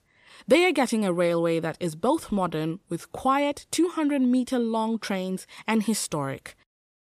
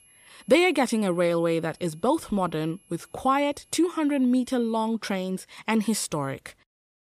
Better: first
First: none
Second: high-pitched whine; faint; until 5 s; 11 kHz, 30 dB below the speech

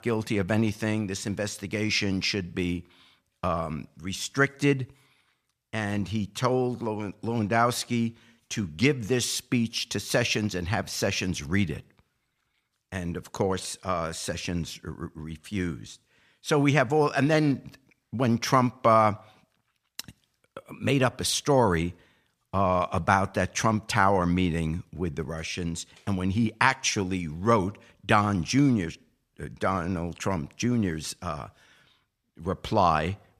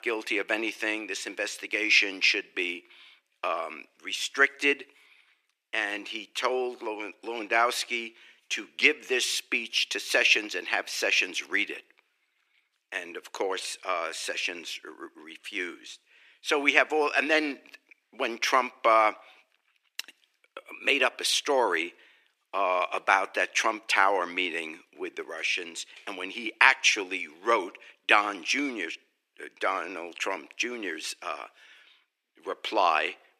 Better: first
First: none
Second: thin; very; fading below 300 Hz

